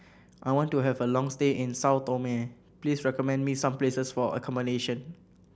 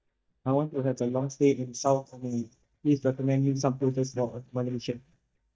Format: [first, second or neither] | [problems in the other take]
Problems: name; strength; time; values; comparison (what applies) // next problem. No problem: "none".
first | noise reduction (neural mask model DeepFilterNet 3)